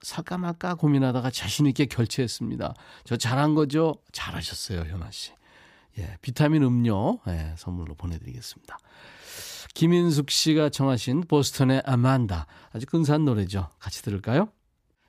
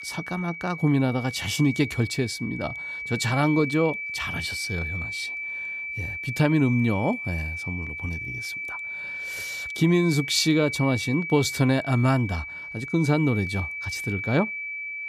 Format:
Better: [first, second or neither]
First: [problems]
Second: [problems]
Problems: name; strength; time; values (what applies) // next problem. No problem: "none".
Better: first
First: none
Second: high-pitched whine; loud; throughout; 2.5 kHz, 6 dB below the speech